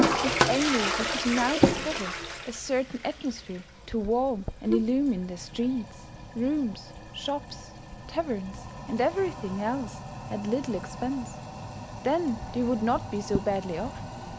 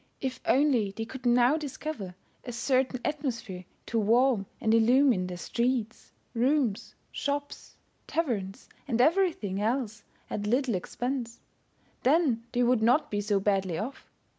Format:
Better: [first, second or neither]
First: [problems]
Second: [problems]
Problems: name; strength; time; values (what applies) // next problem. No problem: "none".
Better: second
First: background sound (Toilet flush + Wind instrument, woodwind instrument); 3 dB below the speech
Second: none